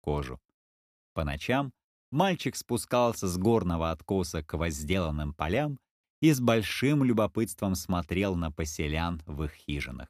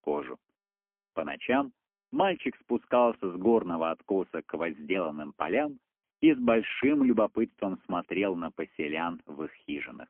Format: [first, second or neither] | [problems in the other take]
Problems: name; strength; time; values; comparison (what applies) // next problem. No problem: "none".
first | phone-call audio; poor line; nothing above 3 kHz